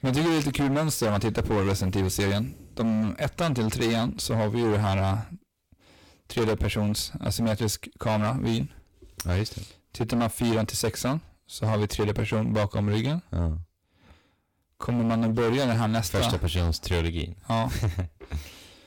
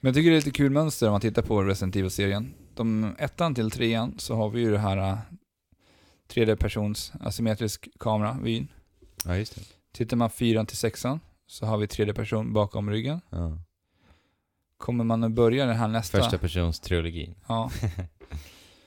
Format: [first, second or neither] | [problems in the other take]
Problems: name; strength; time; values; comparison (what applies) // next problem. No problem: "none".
second | distortion; heavy; 18% of the sound clipped